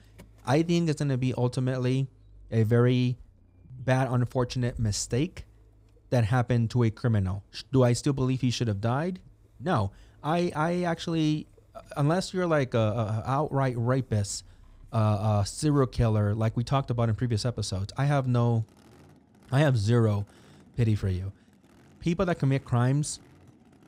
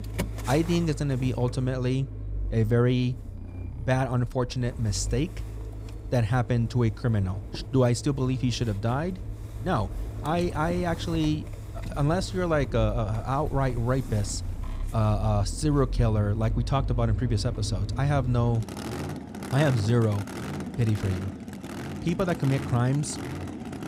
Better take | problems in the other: first | traffic noise; loud; throughout; 9 dB below the speech; faint in the first

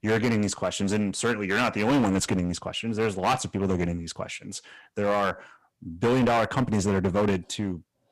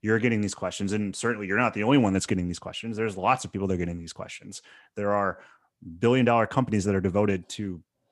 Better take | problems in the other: second | distortion; heavy; 11% of the sound clipped

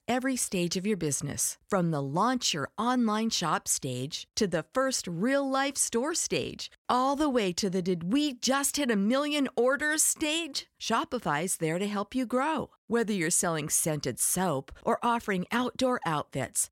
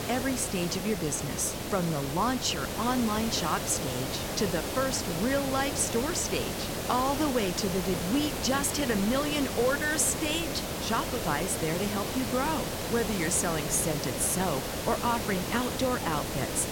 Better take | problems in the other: first | hiss; loud; throughout; 3 dB below the speech

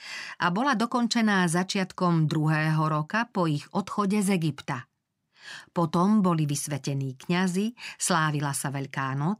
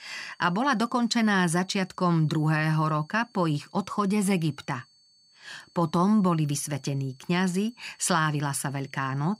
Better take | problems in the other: first | high-pitched whine; faint; throughout; 4.5 kHz, 30 dB below the speech

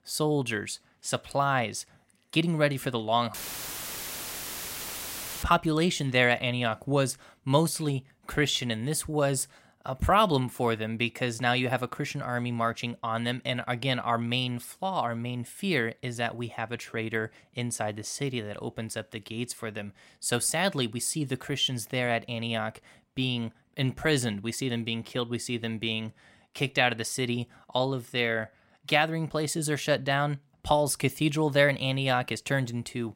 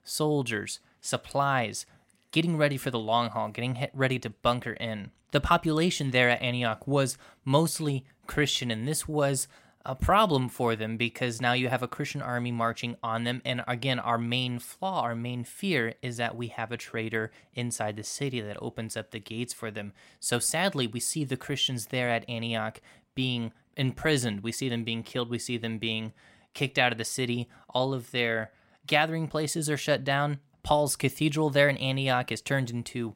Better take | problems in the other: second | audio cutting out; filled with static; at 3.5 s for 2 s

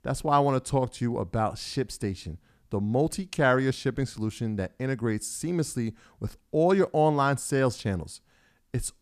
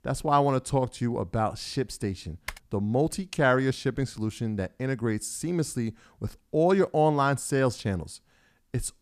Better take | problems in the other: first | keyboard typing; faint; at 2.5 s; peak 15 dB below the speech

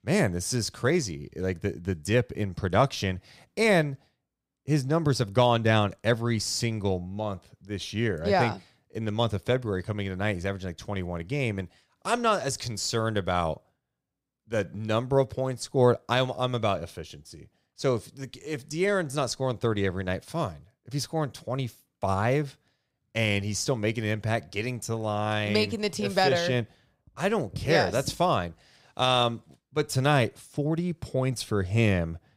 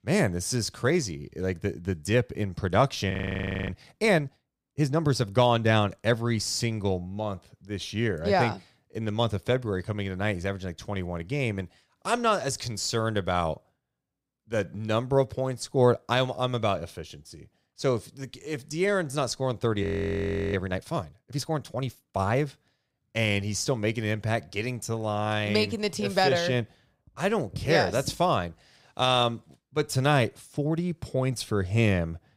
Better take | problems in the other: first | audio freezing; at 3 s for 0.5 s and at 20 s for 0.5 s

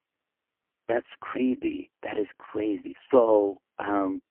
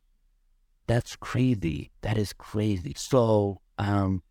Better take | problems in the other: second | phone-call audio; poor line

